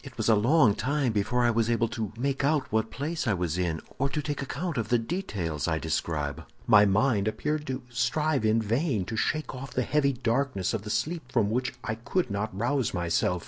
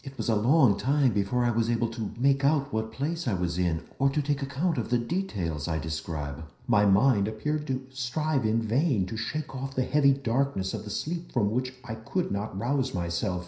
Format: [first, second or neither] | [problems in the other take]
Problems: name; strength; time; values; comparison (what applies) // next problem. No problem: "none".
first | room echo; dies away in 0.5 s